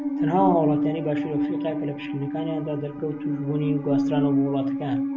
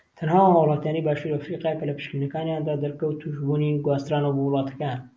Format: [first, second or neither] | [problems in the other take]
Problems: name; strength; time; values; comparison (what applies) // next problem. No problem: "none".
second | background sound (Musical instrument); 1 dB above the speech